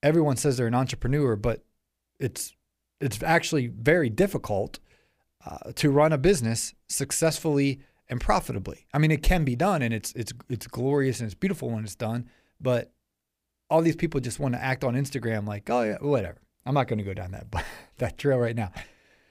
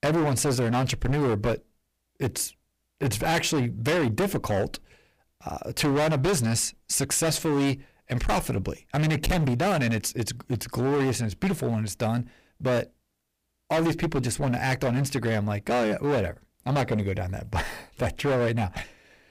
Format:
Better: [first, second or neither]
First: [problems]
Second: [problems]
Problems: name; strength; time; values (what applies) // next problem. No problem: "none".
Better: first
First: none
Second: distortion; heavy; 18% of the sound clipped